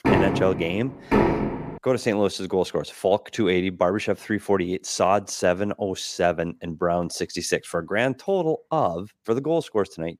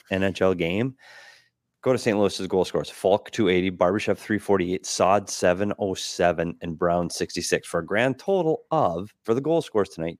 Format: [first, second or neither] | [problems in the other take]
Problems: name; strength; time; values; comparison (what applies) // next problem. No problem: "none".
second | door banging; loud; until 1.5 s; peak 4 dB above the speech